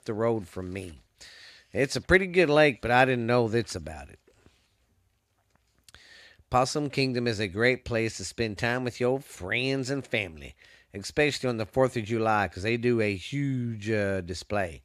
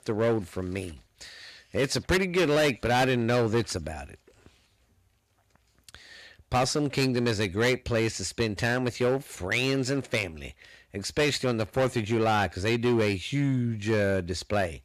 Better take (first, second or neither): first